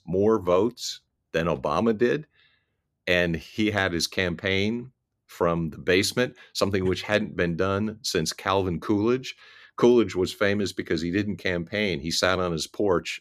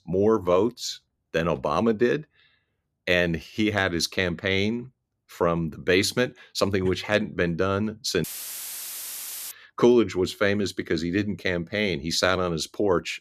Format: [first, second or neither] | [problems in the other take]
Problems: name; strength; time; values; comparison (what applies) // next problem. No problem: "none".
first | audio cutting out; filled with static; at 8 s for 1.5 s